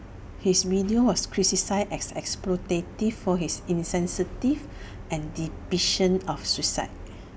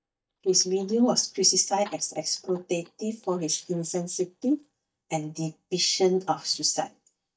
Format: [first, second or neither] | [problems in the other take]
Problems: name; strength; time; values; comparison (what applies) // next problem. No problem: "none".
first | noise reduction (neural mask model DeepFilterNet 3)